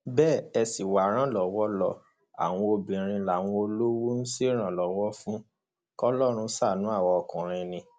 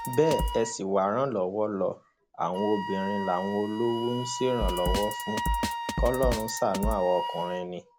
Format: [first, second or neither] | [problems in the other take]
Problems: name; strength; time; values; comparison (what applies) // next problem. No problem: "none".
first | background sound (Drum kit + Wind instrument, woodwind instrument); 4 dB below the speech